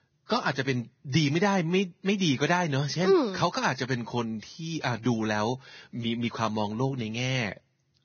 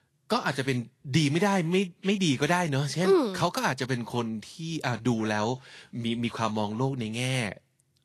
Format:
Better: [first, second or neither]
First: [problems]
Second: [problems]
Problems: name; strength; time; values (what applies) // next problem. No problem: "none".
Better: second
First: garbled, watery; badly; nothing above 6.5 kHz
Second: garbled, watery; slightly; nothing above 11.5 kHz